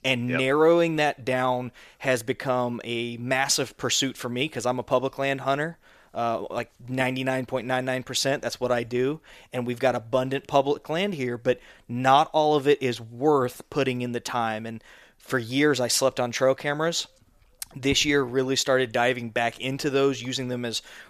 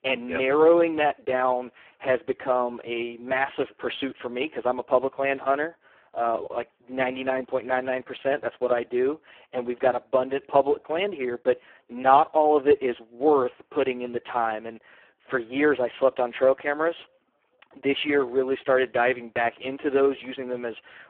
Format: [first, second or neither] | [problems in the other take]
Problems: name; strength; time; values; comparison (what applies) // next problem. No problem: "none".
first | phone-call audio; poor line